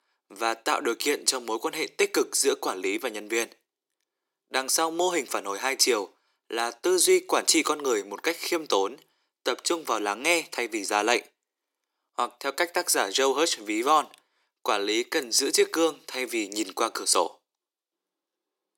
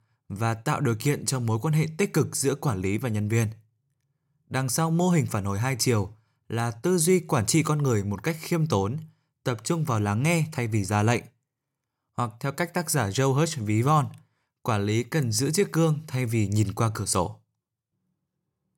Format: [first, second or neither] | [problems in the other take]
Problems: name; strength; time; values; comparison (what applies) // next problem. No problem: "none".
second | thin; very; fading below 300 Hz